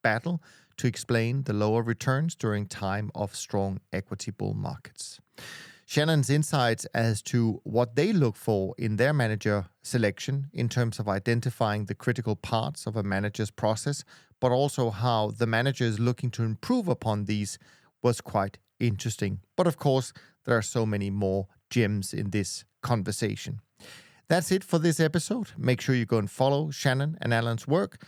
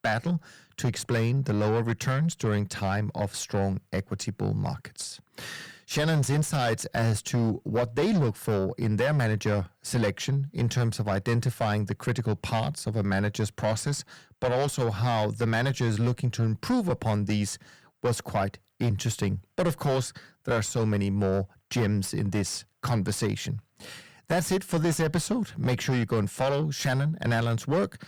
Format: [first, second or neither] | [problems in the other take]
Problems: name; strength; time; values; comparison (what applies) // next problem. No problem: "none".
first | distortion; heavy; 7 dB below the speech